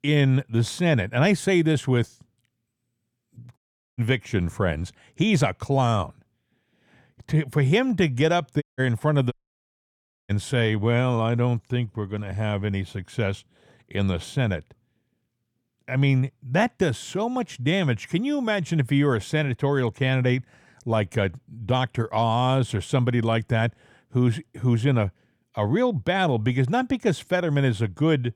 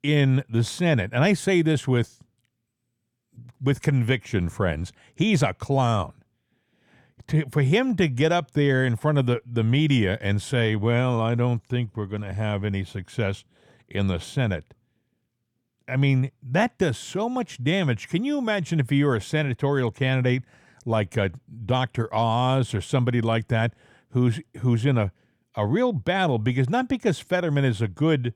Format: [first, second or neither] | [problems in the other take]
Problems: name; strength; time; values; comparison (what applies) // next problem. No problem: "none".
second | audio cutting out; at 3.5 s, at 8.5 s and at 9.5 s for 1 s